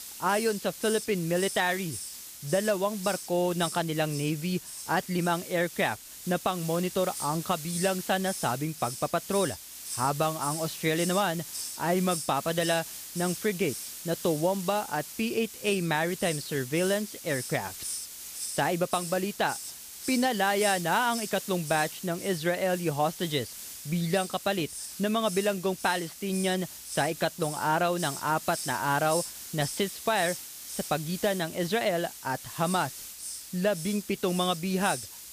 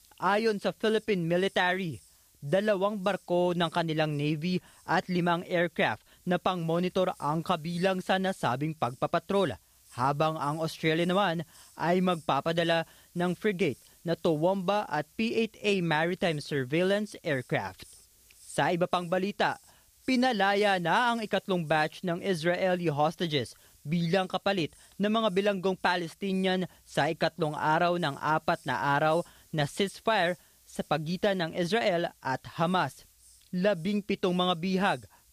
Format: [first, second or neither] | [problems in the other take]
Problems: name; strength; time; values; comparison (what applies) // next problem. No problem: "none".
second | hiss; loud; throughout; 8 dB below the speech; faint in the second